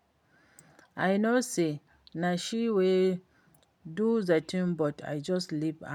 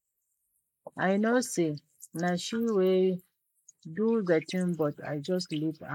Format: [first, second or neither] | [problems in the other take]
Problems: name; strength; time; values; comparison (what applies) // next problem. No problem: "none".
first | noise reduction (neural mask model Resemble Enhance denoiser)